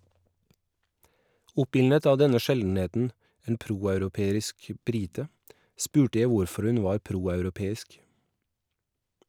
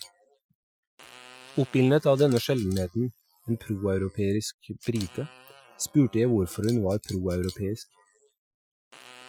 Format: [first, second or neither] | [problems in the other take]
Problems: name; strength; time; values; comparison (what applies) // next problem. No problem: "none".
first | noise reduction (classical method Wiener filter)